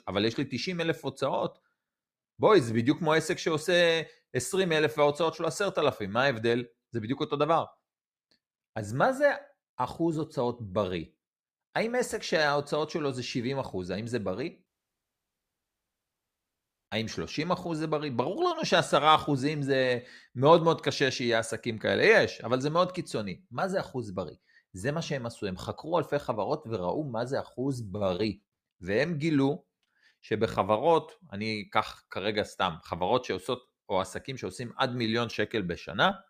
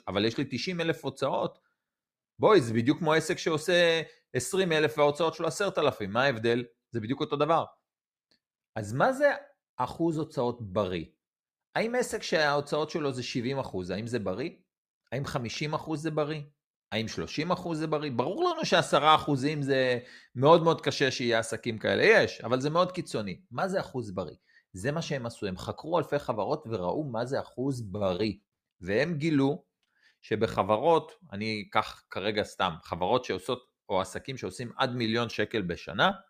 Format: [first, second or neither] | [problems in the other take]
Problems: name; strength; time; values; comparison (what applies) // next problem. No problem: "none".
second | audio cutting out; at 15 s for 2 s